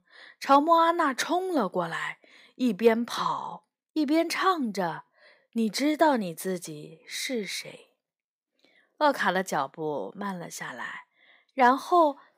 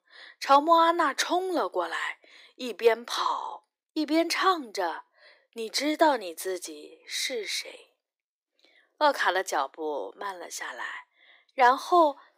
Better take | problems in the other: first | thin; somewhat; fading below 300 Hz

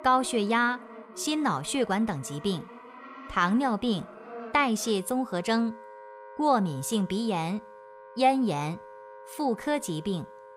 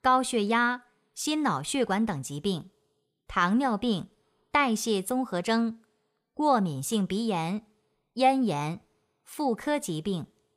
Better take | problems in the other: second | background music; noticeable; throughout; 20 dB below the speech

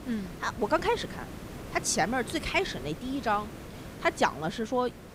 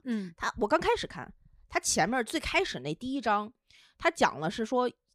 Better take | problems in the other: second | hiss; noticeable; throughout; 15 dB below the speech

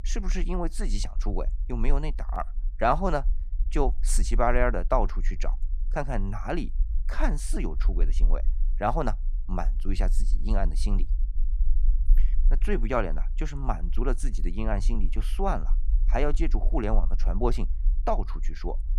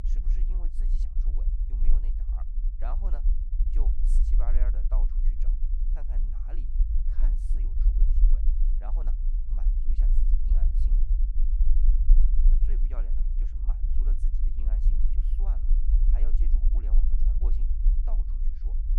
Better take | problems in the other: first | low rumble; loud; throughout; 1 dB below the speech; faint in the first

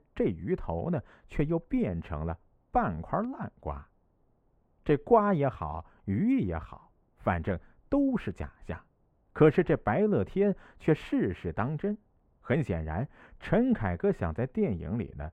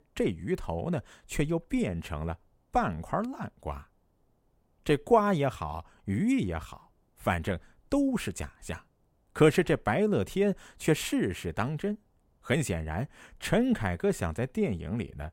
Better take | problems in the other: second | muffled; very; fading above 3.5 kHz

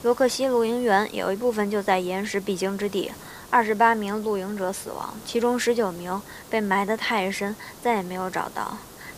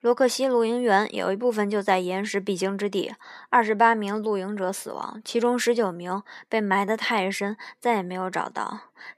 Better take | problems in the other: second | hiss; noticeable; throughout; 20 dB below the speech

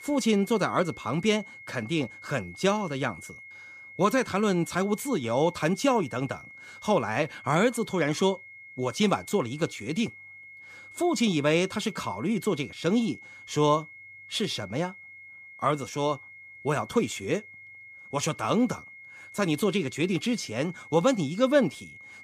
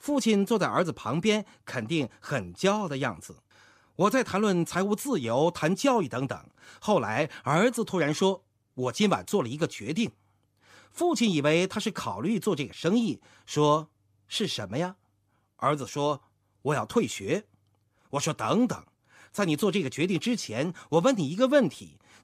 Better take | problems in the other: second | high-pitched whine; noticeable; throughout; 2 kHz, 15 dB below the speech

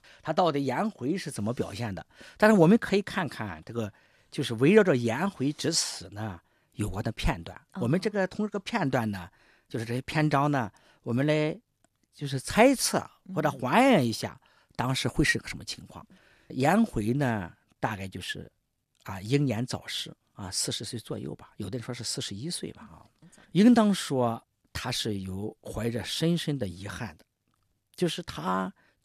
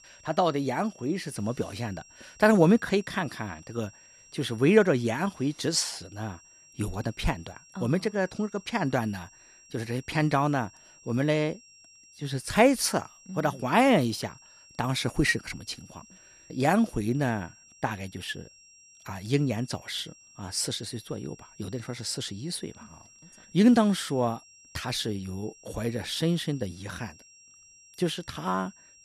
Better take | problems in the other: first | high-pitched whine; faint; throughout; 5.5 kHz, 25 dB below the speech

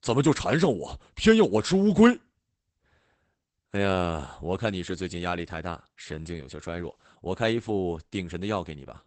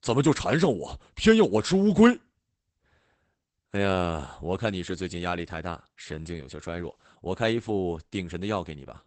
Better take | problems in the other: neither | garbled, watery; badly; nothing above 8 kHz; the same in both

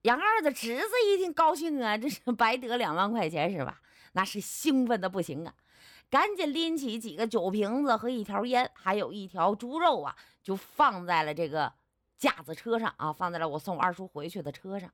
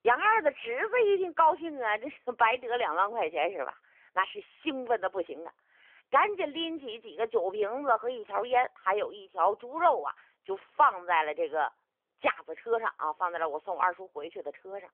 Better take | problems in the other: first | phone-call audio; nothing above 3.5 kHz

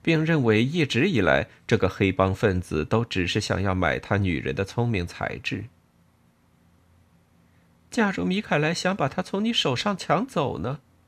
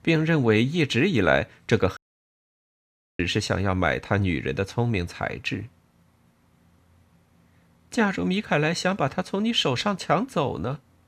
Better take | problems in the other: first | audio cutting out; at 2 s for 1 s

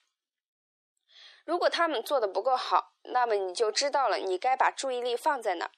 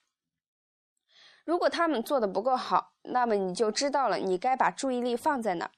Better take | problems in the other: second | thin; very; fading below 350 Hz

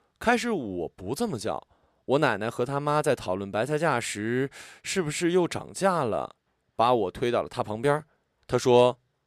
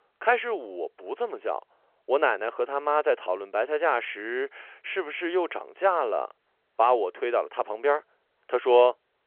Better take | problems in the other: first | phone-call audio

